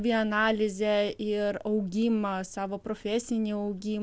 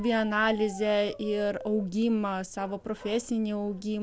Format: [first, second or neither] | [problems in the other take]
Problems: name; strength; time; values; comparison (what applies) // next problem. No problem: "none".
first | background sound (Bark); 19 dB below the speech